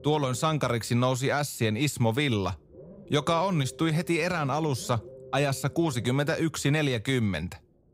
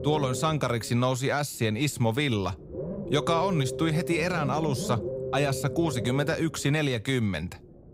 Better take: first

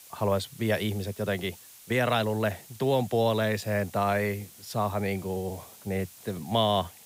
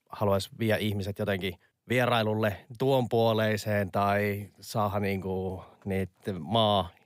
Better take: second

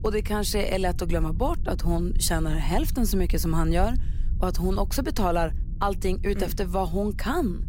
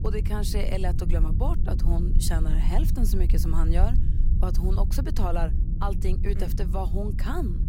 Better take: first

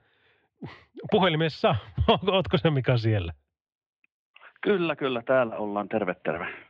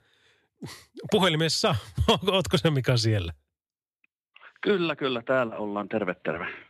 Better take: second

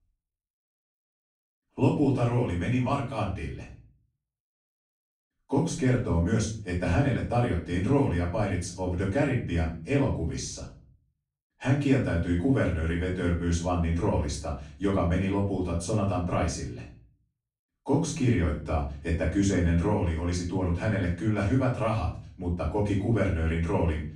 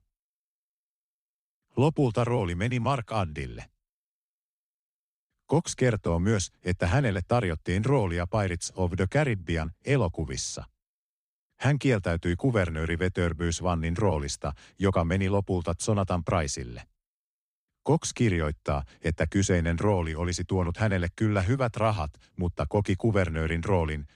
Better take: second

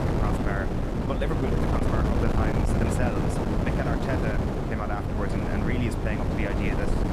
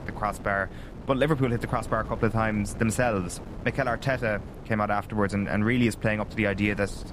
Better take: second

